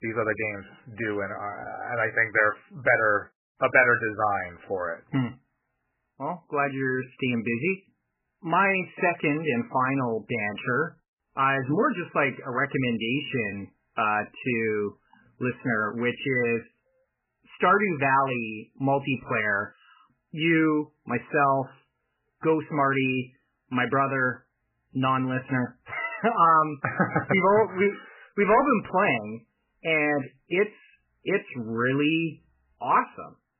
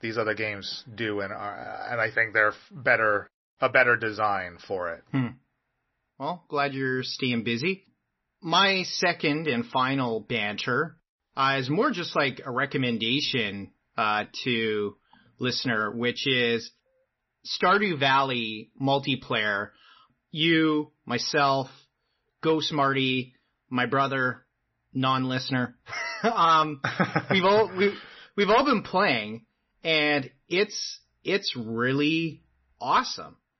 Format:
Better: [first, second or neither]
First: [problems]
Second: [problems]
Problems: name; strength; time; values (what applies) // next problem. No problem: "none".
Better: second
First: garbled, watery; badly; nothing above 3 kHz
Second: garbled, watery; slightly; nothing above 6 kHz